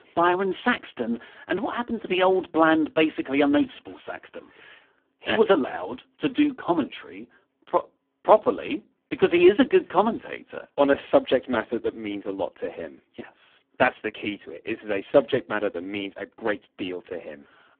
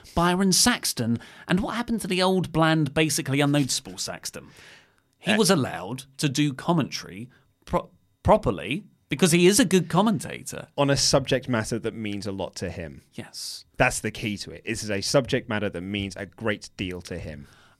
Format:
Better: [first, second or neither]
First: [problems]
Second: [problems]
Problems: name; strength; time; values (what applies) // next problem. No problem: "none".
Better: second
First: phone-call audio; poor line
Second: none